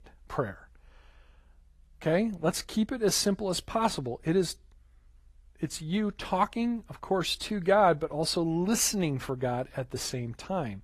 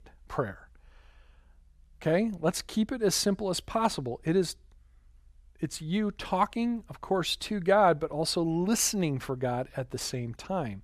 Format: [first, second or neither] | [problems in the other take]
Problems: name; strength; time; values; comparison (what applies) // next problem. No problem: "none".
second | garbled, watery; slightly; nothing above 14.5 kHz